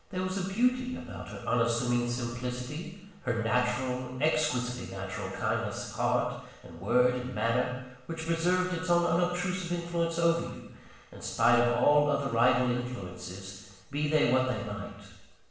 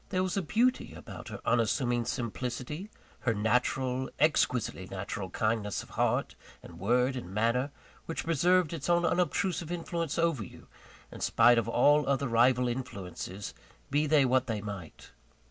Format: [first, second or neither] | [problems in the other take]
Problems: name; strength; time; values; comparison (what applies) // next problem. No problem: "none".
second | room echo; dies away in 0.9 s